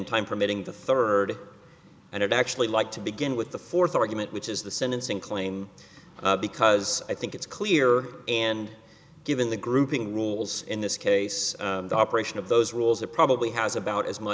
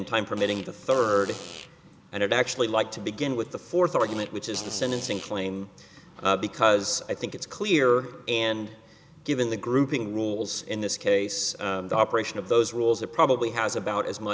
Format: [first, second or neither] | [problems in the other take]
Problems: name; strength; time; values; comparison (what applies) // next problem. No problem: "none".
first | background sound (Fart); 16 dB below the speech